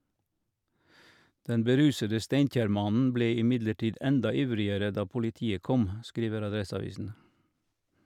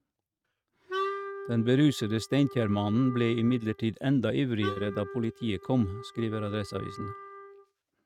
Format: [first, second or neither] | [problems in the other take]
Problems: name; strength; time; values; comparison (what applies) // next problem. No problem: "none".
first | noise reduction (neural mask model RNNoise)